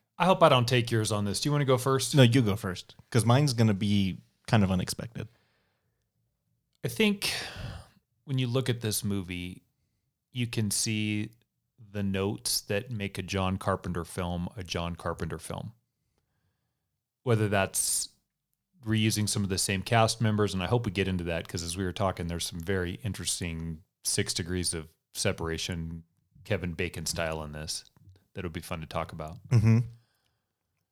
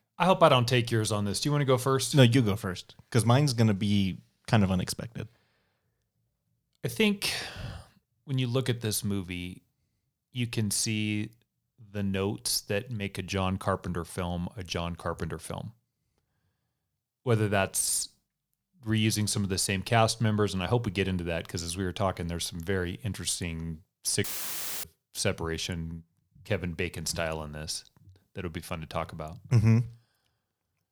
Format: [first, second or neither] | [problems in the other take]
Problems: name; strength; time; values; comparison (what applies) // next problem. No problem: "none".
first | audio cutting out; filled with static; at 24 s for 0.5 s